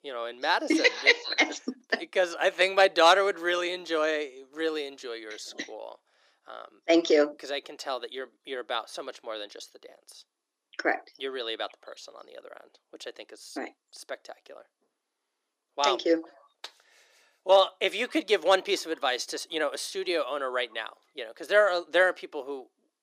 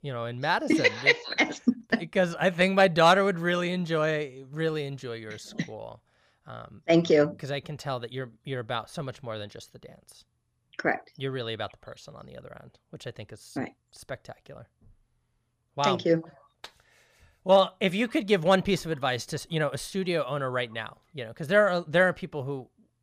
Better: second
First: thin; somewhat; fading below 300 Hz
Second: none

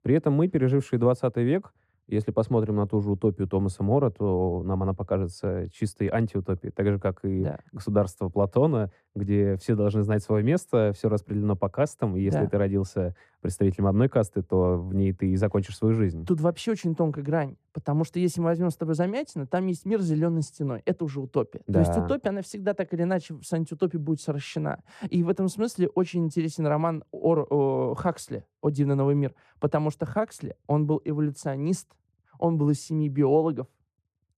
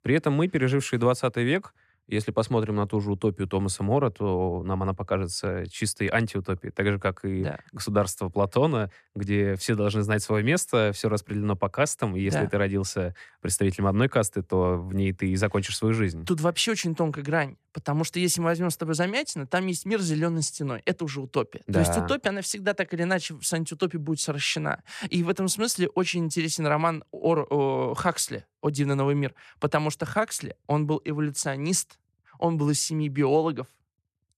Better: second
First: muffled; slightly; fading above 1 kHz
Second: none

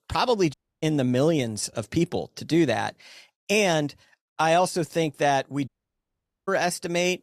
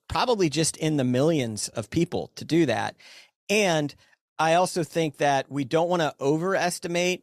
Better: second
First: audio cutting out; at 0.5 s and at 5.5 s for 1 s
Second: none

